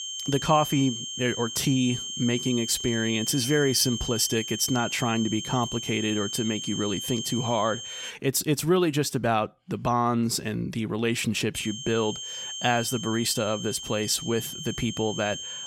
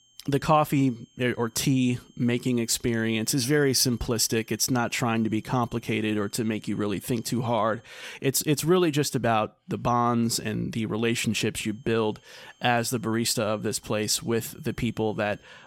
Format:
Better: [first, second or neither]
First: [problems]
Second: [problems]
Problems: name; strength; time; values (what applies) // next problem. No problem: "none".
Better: second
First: high-pitched whine; loud; until 8 s and from 12 s on; 3 kHz, 6 dB below the speech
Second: high-pitched whine; faint; until 8 s and from 12 s on; 3 kHz, 35 dB below the speech